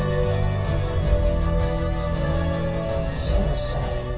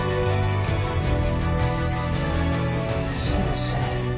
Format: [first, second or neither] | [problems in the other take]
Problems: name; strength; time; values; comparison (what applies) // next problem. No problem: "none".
second | room echo; dies away in 0.1 s